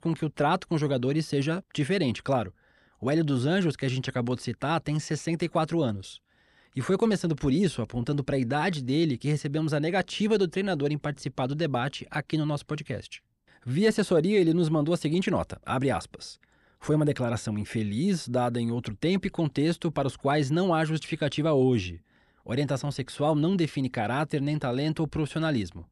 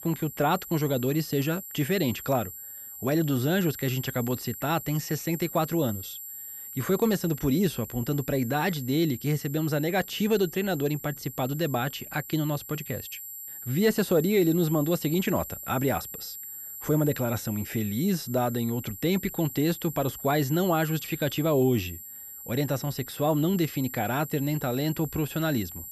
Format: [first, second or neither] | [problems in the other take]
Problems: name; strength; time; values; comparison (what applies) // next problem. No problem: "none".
first | high-pitched whine; noticeable; throughout; 12 kHz, 10 dB below the speech